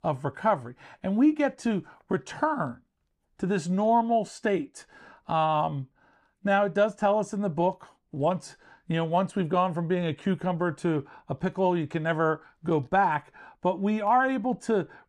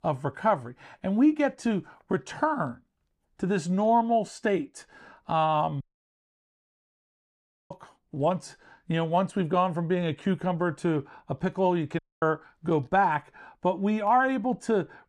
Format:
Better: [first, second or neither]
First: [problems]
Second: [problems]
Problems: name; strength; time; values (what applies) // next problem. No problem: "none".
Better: first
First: none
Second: audio cutting out; at 6 s for 2 s and at 12 s